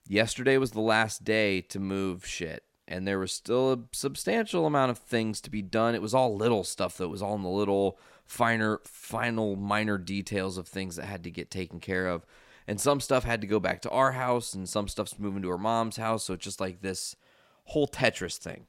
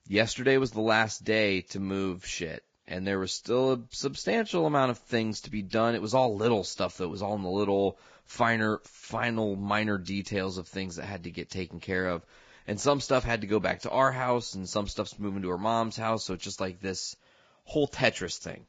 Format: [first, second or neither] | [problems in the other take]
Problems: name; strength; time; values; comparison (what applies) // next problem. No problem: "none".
first | garbled, watery; badly; nothing above 7.5 kHz